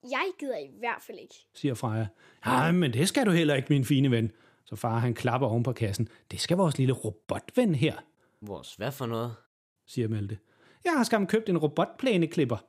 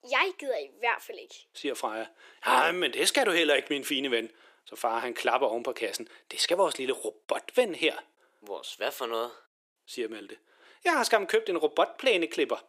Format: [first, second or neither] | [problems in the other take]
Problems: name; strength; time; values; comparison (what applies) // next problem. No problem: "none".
first | thin; very; fading below 400 Hz